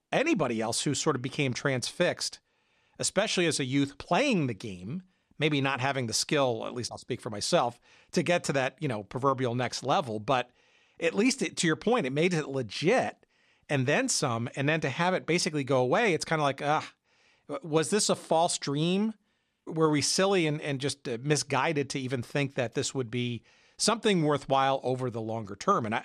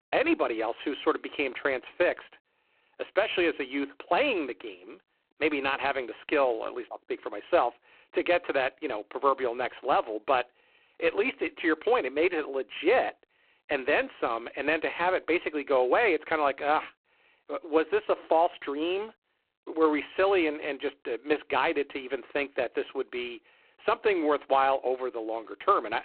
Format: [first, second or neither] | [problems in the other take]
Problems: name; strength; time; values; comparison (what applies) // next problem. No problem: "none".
first | phone-call audio; poor line